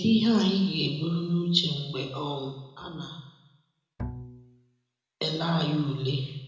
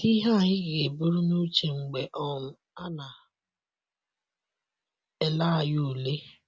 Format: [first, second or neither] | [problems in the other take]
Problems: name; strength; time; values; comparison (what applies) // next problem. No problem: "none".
second | background sound (Bowed string instrument); 12 dB below the speech // room echo; dies away in 0.9 s